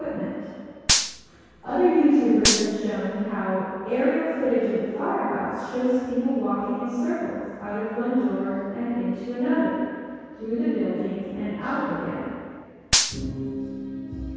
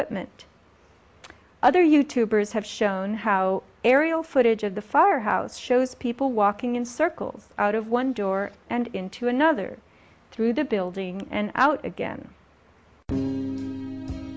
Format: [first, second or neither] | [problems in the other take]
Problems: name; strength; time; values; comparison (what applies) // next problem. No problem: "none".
second | background sound (Gunshot, gunfire); 1 dB below the speech // room echo; dies away in 2 s